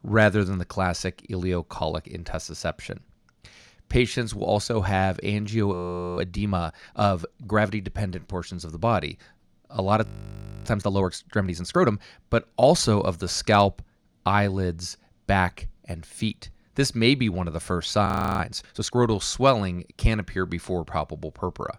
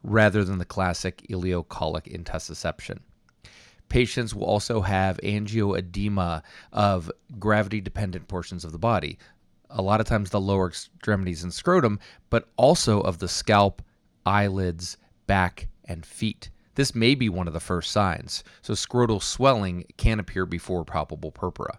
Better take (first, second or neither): second